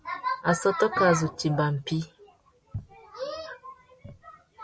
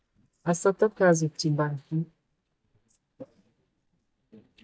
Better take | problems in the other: first | noise reduction (neural mask model DeepFilterNet 3)

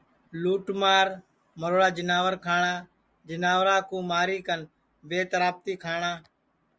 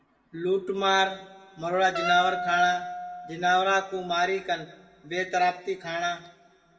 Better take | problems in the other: first | background sound (Wind instrument, woodwind instrument); 5 dB below the speech // room echo; dies away in 1.7 s

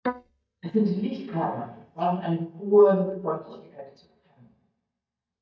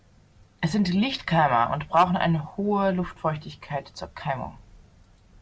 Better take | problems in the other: second | noise reduction (neural mask model DeepFilterNet 3)

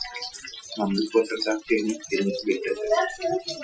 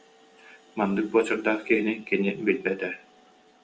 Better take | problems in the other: second | noise reduction (classical method Wiener filter)

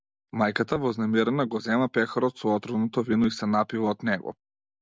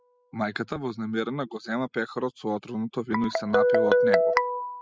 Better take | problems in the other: first | noise reduction (classical method spectral subtraction)

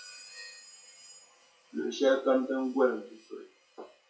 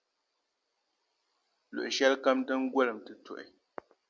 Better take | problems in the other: second | noise reduction (classical method WPE with log-MMSE)

